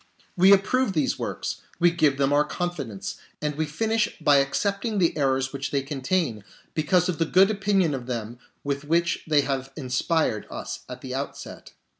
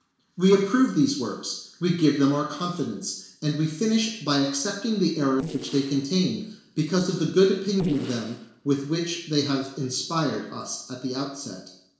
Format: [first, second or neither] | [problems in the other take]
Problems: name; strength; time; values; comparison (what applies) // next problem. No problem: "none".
first | noise reduction (neural separator model SepFormer DNS4)